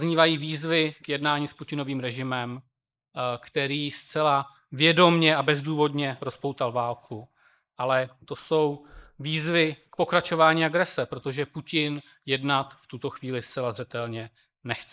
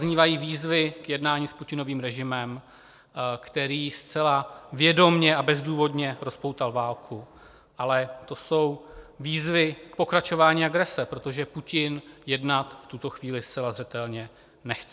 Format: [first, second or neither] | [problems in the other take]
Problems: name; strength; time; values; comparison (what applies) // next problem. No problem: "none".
second | noise reduction (neural mask model Resemble Enhance denoiser)